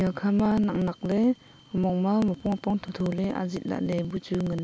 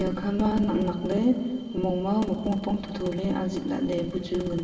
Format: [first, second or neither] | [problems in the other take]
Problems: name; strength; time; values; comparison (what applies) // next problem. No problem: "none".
first | room echo; dies away in 2 s